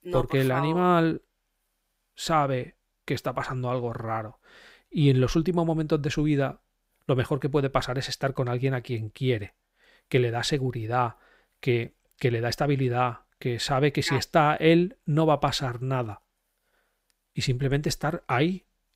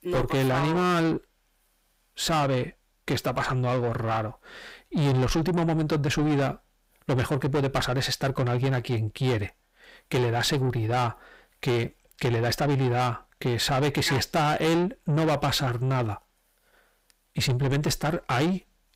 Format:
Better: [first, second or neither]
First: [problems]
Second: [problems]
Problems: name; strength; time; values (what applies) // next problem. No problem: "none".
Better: first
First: none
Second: distortion; heavy; 7 dB below the speech